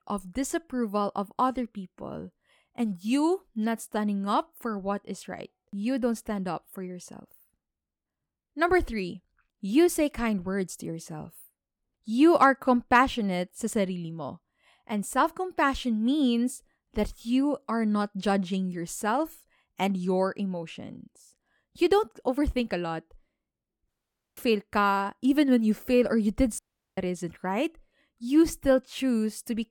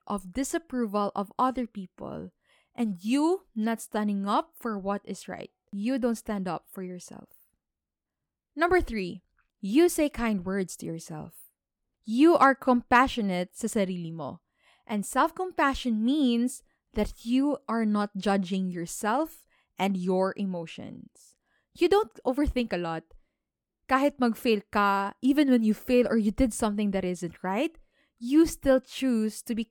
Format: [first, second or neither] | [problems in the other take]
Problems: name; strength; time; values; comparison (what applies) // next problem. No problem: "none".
second | audio cutting out; at 24 s and at 27 s